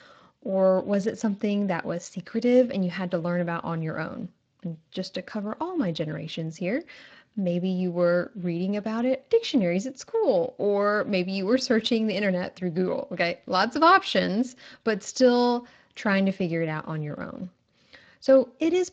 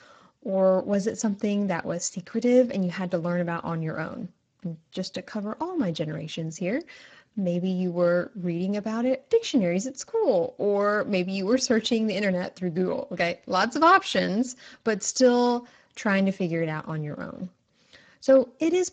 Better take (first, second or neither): first